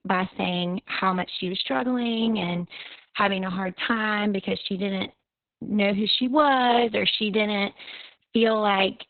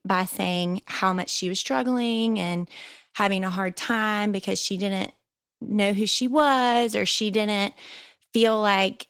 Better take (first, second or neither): second